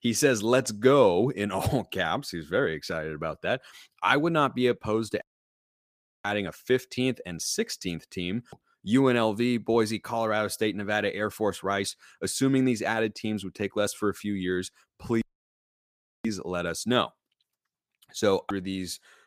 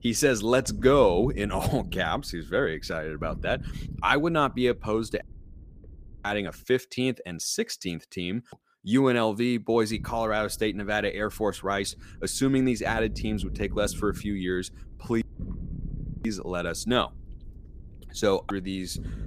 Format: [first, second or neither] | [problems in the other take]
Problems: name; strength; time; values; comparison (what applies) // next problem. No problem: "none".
first | low rumble; faint; until 6.5 s and from 10 s on; 25 dB below the speech